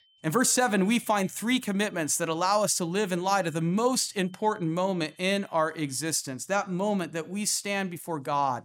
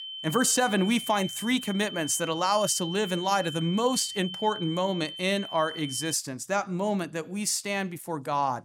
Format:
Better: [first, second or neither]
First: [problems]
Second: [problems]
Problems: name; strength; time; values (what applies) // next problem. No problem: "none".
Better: first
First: high-pitched whine; faint; until 6 s; 3 kHz, 35 dB below the speech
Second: high-pitched whine; loud; until 6 s; 3 kHz, 9 dB below the speech